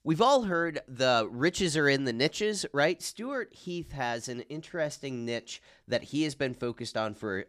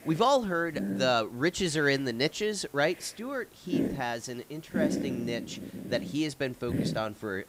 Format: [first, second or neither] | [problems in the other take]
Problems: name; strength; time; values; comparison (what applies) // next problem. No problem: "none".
first | hiss; loud; throughout; 4 dB below the speech